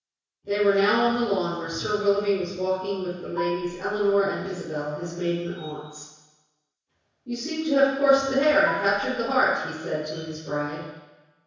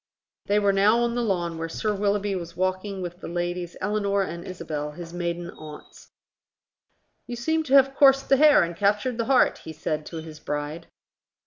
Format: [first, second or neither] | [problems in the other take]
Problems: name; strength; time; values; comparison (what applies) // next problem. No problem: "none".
second | background sound (Marimba, xylophone); 14 dB below the speech // room echo; dies away in 1.1 s